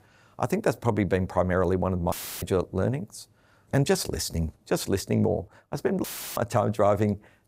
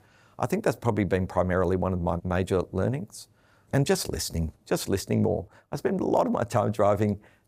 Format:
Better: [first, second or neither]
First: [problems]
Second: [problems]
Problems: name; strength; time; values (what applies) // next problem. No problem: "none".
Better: second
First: audio cutting out; filled with static; at 2 s and at 6 s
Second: none